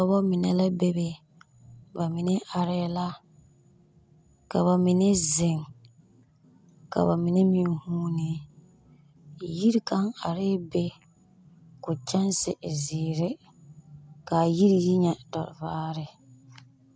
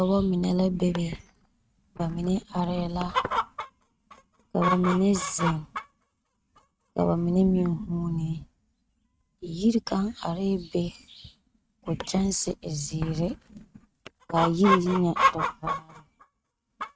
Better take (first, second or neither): first